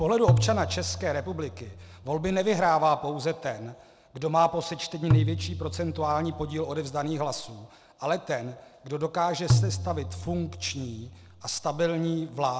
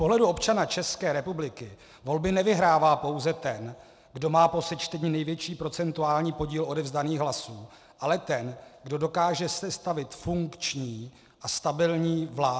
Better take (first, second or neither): second